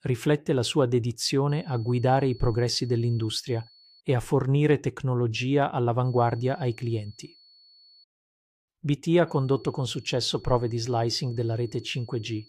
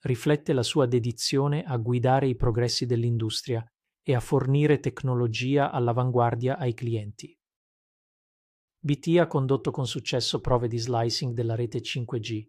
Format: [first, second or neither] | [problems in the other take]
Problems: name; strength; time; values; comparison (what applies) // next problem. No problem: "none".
second | high-pitched whine; faint; from 1.5 to 4 s, from 6 to 8 s and from 9.5 s on; 4.5 kHz, 25 dB below the speech